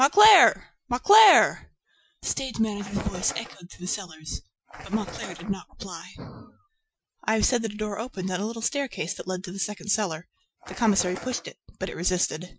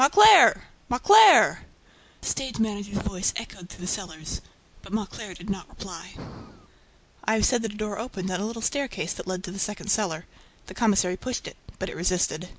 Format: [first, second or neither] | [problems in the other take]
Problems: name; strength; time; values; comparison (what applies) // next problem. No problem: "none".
second | noise reduction (classical method Wiener filter)